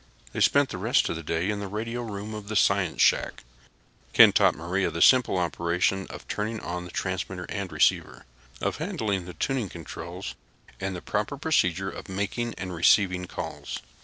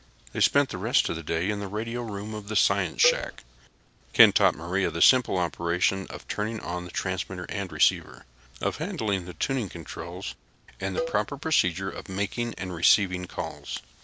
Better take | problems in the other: first | background sound (Cowbell); 10 dB below the speech

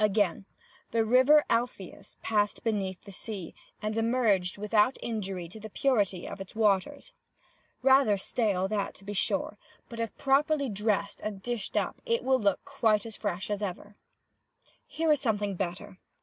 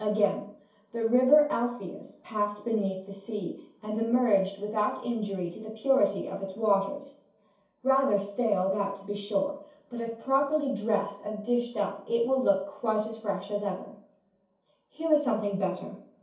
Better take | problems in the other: first | room echo; dies away in 0.6 s

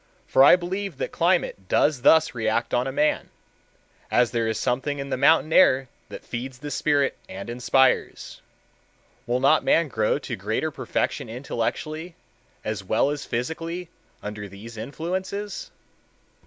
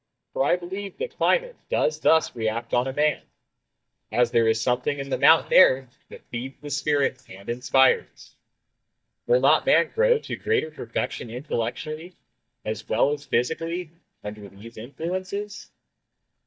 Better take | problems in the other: first | noise reduction (neural mask model DeepFilterNet 3)

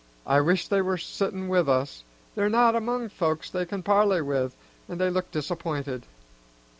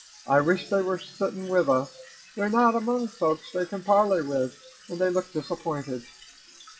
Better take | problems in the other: first | noise reduction (classical method WPE with log-MMSE)

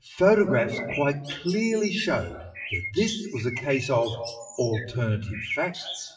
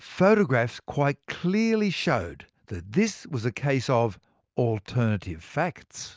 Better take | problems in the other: second | noise reduction (classical method WPE with log-MMSE)

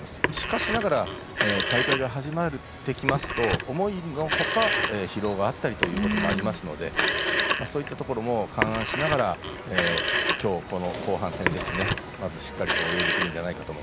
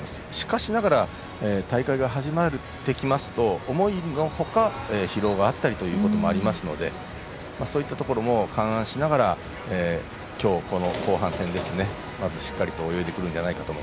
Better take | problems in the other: second | background sound (Telephone); 1 dB below the speech

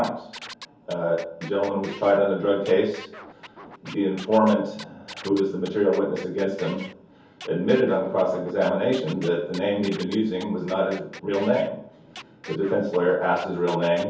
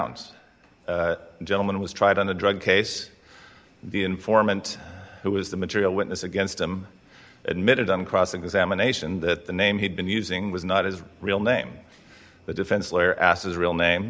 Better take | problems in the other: second | background sound (Scratching (performance technique)); 19 dB below the speech // room echo; dies away in 0.6 s

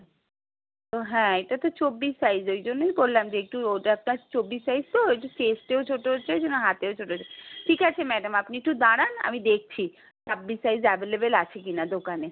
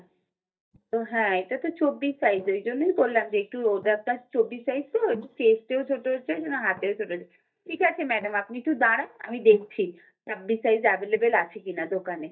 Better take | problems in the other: first | noise reduction (neural mask model DeepFilterNet 3)

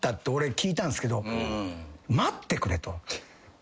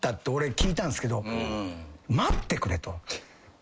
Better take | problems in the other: first | background sound (Car); 4 dB below the speech

